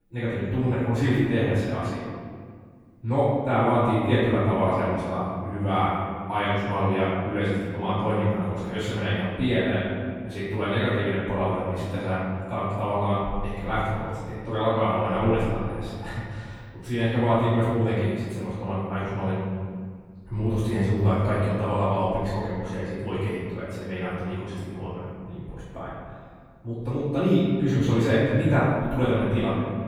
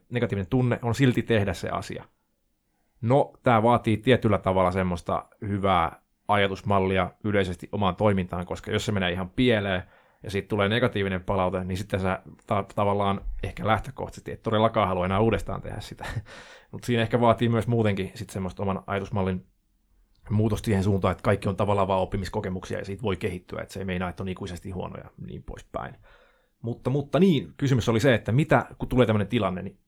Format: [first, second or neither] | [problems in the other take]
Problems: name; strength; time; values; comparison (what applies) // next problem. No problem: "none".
second | off-mic speech; far // room echo; strong; dies away in 1.9 s